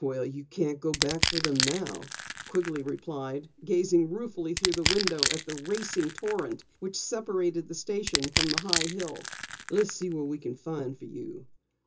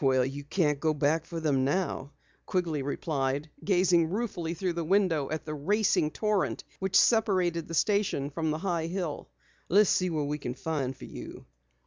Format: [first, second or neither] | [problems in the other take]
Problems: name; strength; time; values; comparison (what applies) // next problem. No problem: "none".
second | background sound (Crushing); 2 dB below the speech // room echo; dies away in 0.2 s